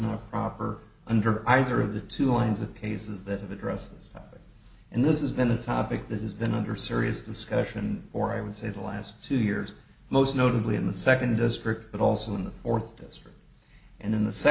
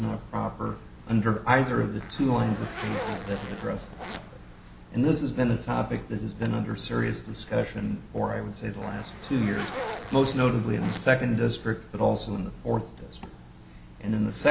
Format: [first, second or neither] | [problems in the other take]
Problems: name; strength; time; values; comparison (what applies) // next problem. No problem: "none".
first | background sound (Zipper (clothing)); 14 dB below the speech